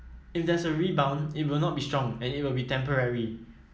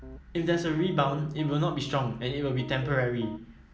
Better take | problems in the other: first | background sound (Piano); 15 dB below the speech

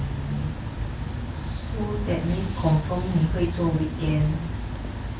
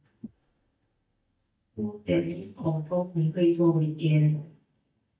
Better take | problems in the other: first | noise reduction (neural mask model DeepFilterNet 3)

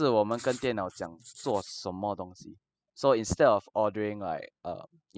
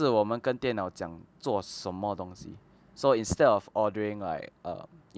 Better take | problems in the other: second | noise reduction (classical method spectral subtraction)

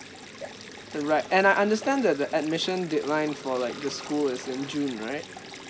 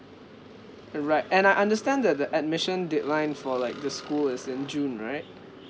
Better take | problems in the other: second | background sound (Stream); 17 dB below the speech

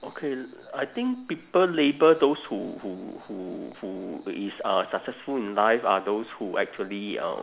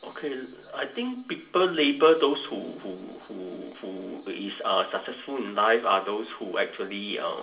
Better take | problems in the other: first | room echo; dies away in 0.2 s

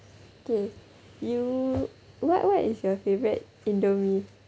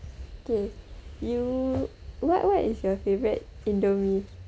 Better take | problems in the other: first | background sound (Bird); 15 dB below the speech

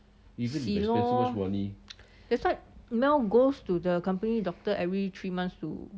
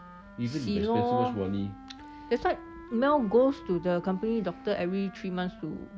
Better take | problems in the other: first | background sound (Wind instrument, woodwind instrument); 18 dB below the speech

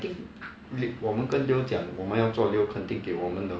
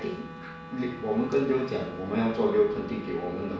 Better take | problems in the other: first | background sound (Wind instrument, woodwind instrument); 15 dB below the speech // room echo; dies away in 0.6 s

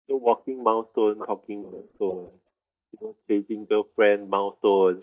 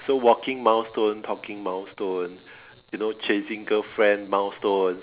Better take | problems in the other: second | noise reduction (neural mask model DeepFilterNet 3)

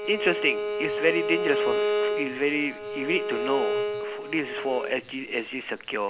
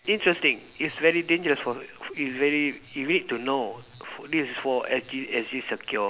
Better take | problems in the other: second | background sound (Bowed string instrument); 1 dB below the speech

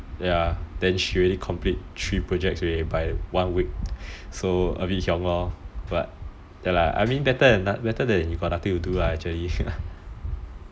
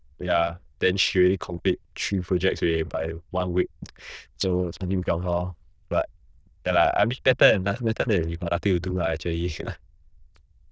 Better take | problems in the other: first | noise reduction (neural diffusion model UNIVERSE++)

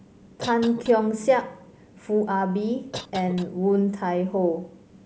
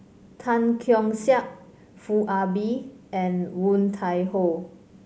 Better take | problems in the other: second | background sound (Cough); 17 dB below the speech

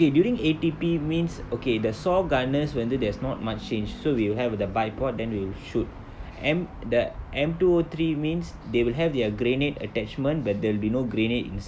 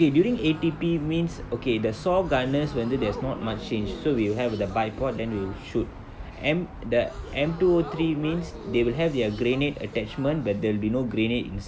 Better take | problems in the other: first | background sound (Crowd / Gasp); 17 dB below the speech

